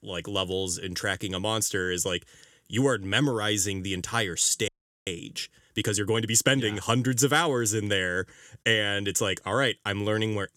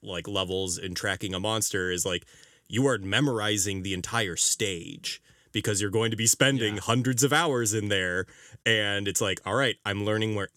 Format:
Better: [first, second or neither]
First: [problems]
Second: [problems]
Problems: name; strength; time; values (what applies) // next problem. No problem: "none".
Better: second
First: audio freezing; at 4.5 s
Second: none